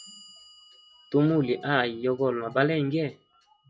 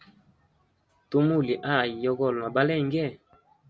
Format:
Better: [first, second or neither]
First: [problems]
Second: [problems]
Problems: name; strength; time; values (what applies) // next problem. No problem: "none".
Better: second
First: noise reduction (classical method log-MMSE)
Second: none